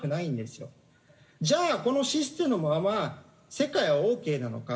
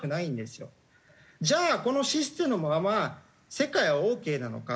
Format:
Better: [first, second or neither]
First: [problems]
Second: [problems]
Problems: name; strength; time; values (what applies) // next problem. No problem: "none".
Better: second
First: room echo; dies away in 0.9 s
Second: none